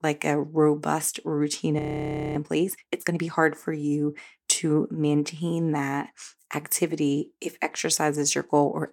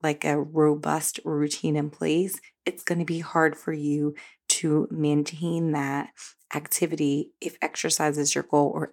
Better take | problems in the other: second | audio freezing; at 2 s for 0.5 s

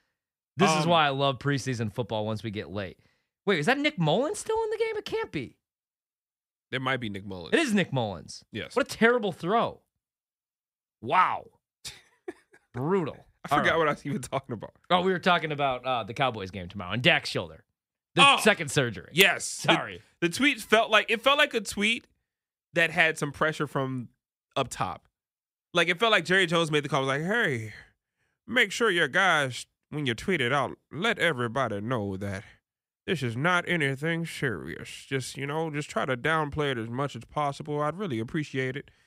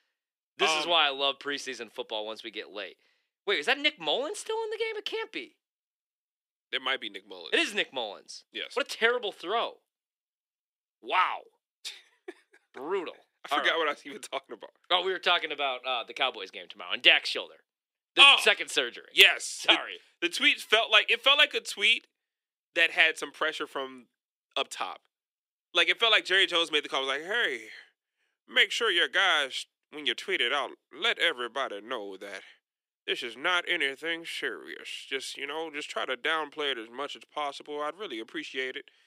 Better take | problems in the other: first | thin; somewhat; fading below 350 Hz

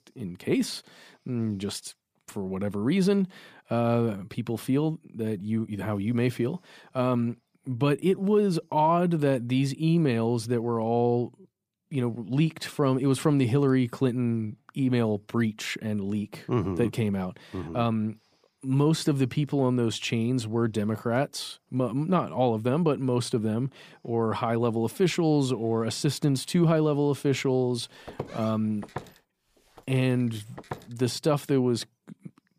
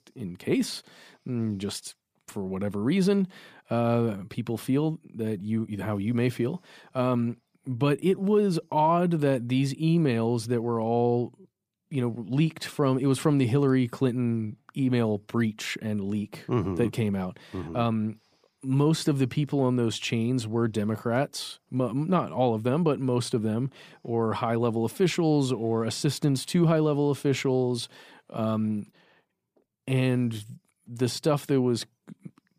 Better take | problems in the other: second | footsteps; faint; from 28 to 31 s; peak 10 dB below the speech

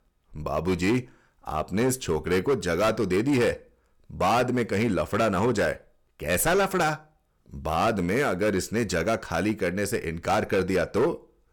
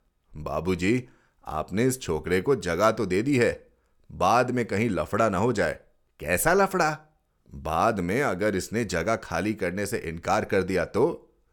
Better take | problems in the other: second | distortion; slight; 8% of the sound clipped

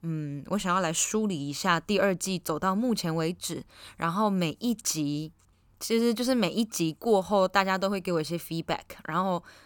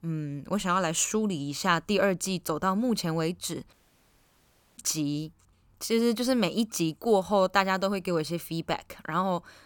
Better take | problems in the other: first | audio cutting out; at 3.5 s for 1 s

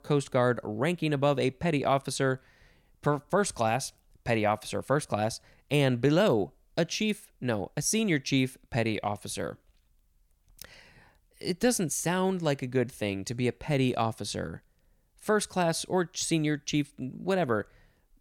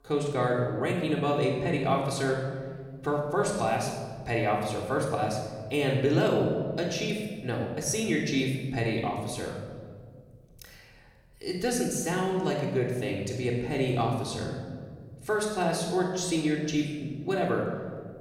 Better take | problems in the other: first | room echo; noticeable; dies away in 1.6 s // off-mic speech; far

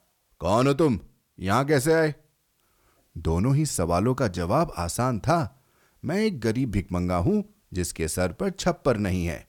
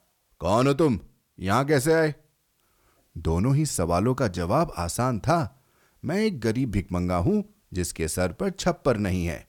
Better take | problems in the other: neither | none

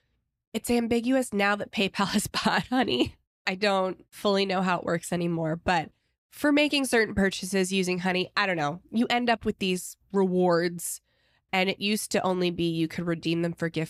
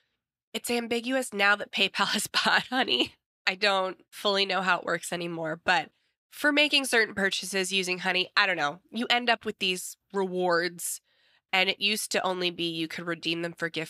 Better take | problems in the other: first | thin; somewhat; fading below 1 kHz

